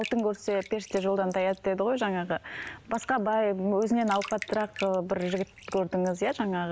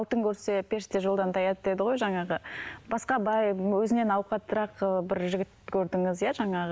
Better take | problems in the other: second | background sound (Bathtub (filling or washing)); 19 dB below the speech

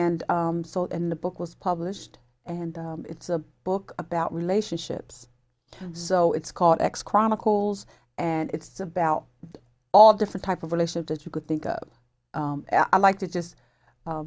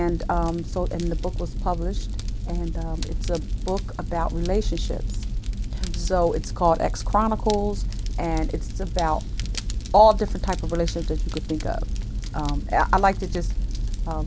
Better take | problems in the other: first | background sound (Fire); as loud as the speech

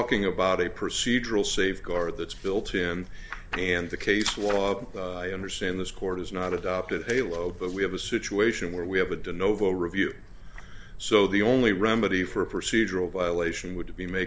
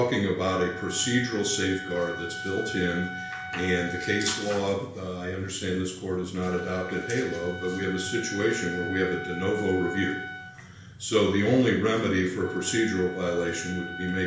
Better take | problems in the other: first | background sound (Wind instrument, woodwind instrument); 11 dB below the speech // room echo; dies away in 0.5 s

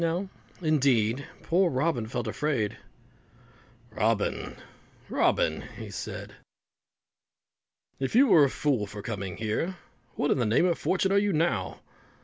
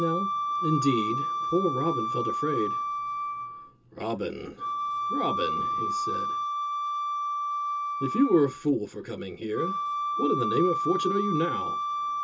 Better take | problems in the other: first | background sound (Wind instrument, woodwind instrument); as loud as the speech // room echo; dies away in 0.2 s

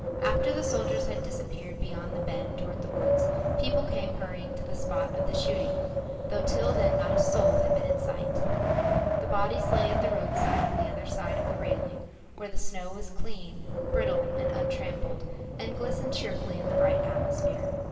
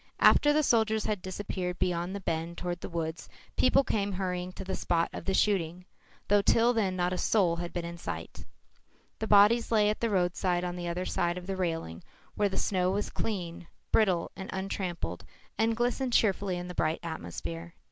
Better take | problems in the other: second | background sound (Wind); 5 dB above the speech // room echo; dies away in 2.7 s

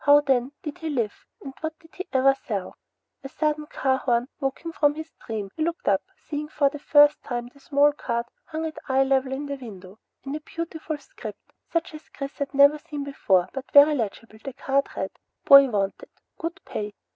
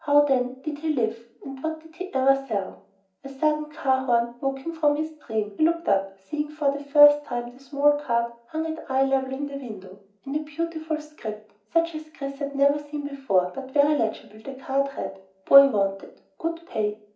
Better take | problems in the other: first | room echo; dies away in 0.4 s

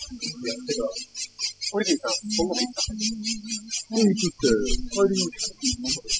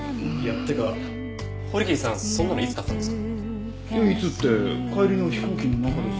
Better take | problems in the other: second | noise reduction (classical method spectral subtraction)

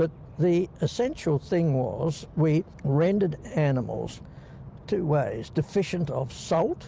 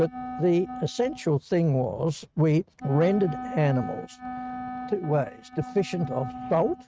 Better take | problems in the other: first | noise reduction (neural mask model RNNoise)

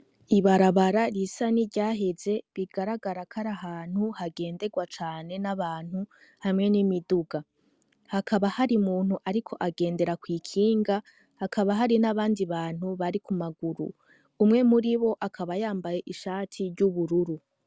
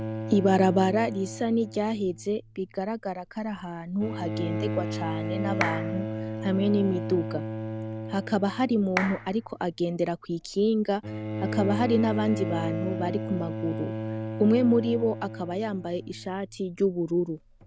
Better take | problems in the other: first | background sound (Bowed string instrument + Clapping); 6 dB below the speech

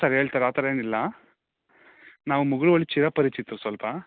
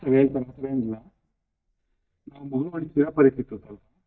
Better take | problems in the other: first | noise reduction (neural mask model DeepFilterNet 3)

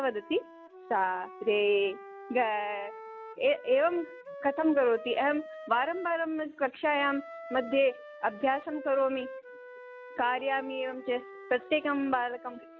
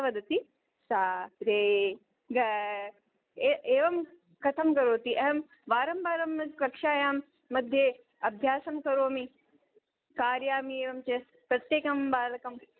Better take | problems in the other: second | background sound (Wind instrument, woodwind instrument); 15 dB below the speech

